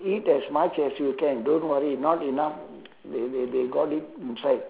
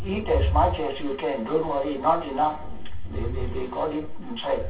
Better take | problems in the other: first | background sound (Thunder); 6 dB below the speech // room echo; dies away in 0.2 s

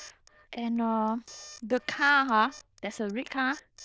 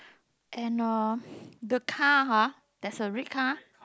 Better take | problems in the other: second | noise reduction (neural diffusion model UNIVERSE++)

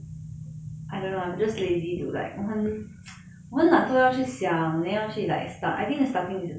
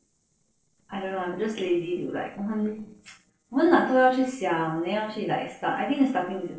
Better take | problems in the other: first | noise reduction (neural separator model SepFormer DNS4)

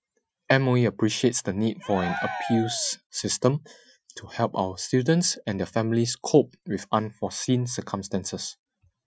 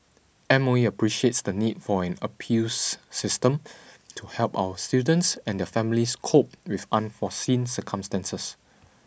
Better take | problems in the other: second | noise reduction (classical method Wiener filter)

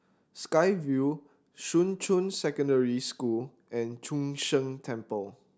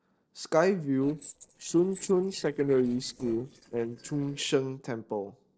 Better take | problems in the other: first | noise reduction (neural separator model SepFormer DNS4)

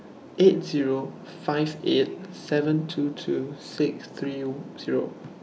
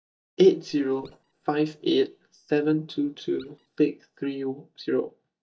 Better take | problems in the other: first | noise reduction (neural mask model DeepFilterNet 3)

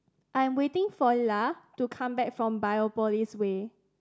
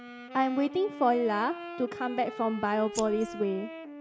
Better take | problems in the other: first | background sound (Wind instrument, woodwind instrument + Scissors); 12 dB below the speech

